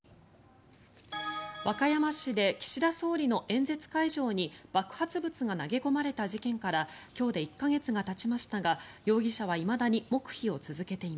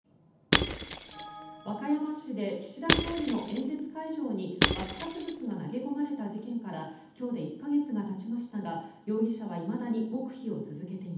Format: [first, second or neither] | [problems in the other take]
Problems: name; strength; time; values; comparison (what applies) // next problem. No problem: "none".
first | background sound (Shatter / Crushing); 1 dB above the speech // room echo; dies away in 0.8 s